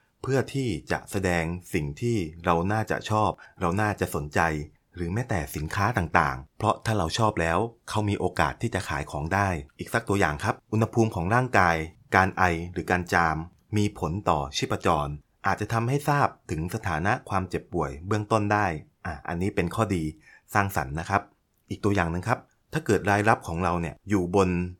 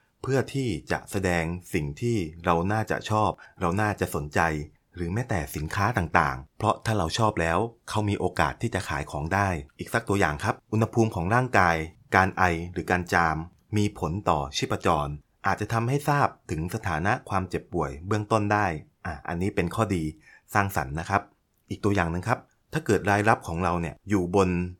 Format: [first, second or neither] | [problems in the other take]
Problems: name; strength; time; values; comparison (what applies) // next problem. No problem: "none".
neither | none